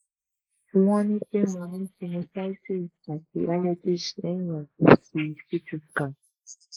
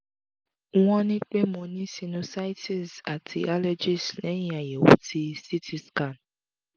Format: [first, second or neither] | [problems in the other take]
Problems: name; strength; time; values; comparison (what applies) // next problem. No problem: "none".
second | noise reduction (neural mask model Resemble Enhance denoiser)